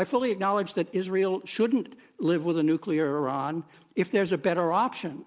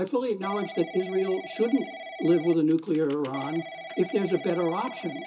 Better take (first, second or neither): first